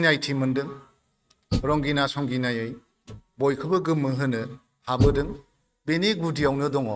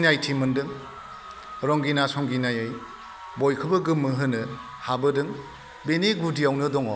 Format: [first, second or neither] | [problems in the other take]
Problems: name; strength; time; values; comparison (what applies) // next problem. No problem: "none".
second | noise reduction (neural mask model RNNoise)